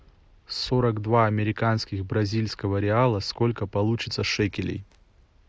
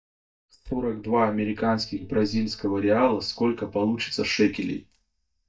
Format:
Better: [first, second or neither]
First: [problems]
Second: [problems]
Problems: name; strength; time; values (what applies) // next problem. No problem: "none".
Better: first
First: none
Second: noise reduction (neural mask model DeepFilterNet 3)